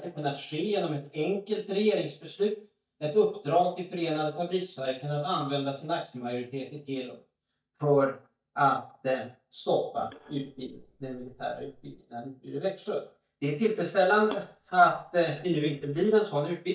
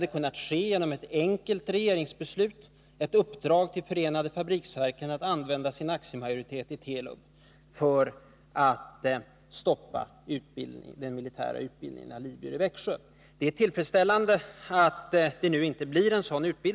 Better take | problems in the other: second | noise reduction (neural mask model DeepFilterNet 3)

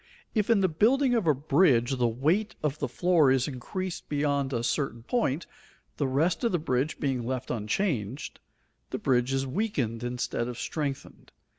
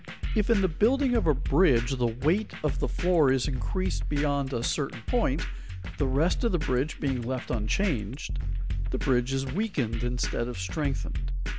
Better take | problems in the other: first | background sound (Drum kit); 2 dB below the speech

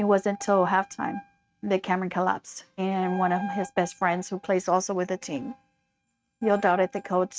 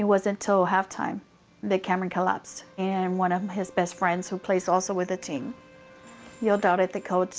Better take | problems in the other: second | noise reduction (neural mask model RNNoise)

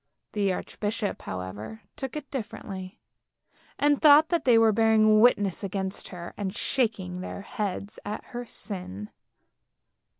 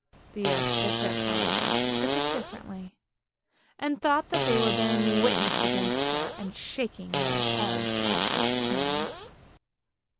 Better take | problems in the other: first | background sound (Fart); 4 dB above the speech

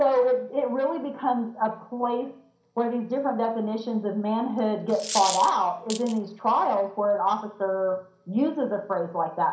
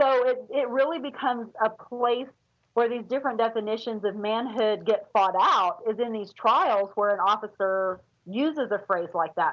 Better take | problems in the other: second | background sound (Coin (dropping)); 9 dB below the speech // room echo; dies away in 0.5 s

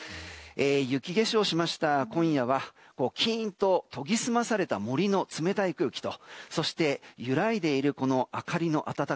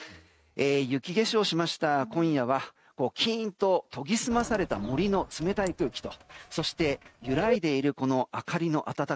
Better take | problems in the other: first | noise reduction (neural mask model RNNoise)

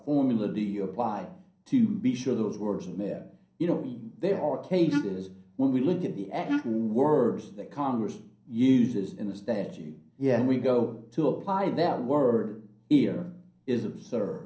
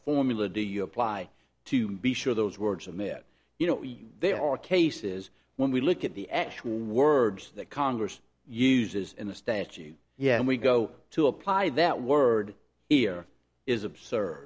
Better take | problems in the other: second | background sound (Wind instrument, woodwind instrument); 4 dB below the speech // room echo; dies away in 0.6 s

